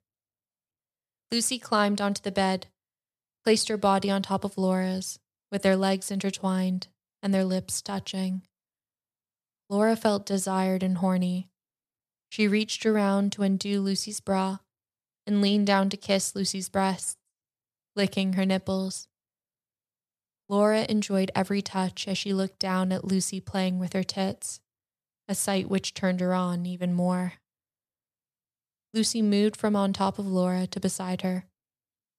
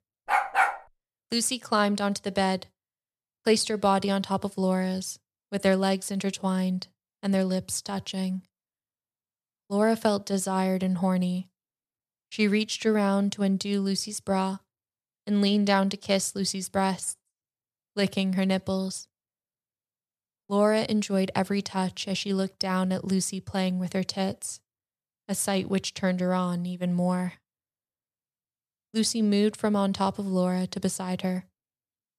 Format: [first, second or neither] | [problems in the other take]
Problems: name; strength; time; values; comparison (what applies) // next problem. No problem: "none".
first | dog barking; loud; at 0.5 s; peak 4 dB above the speech